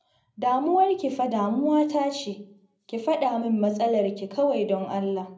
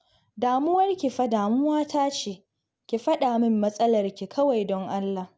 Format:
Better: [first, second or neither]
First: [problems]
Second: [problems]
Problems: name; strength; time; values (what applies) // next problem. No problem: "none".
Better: second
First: room echo; dies away in 0.5 s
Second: none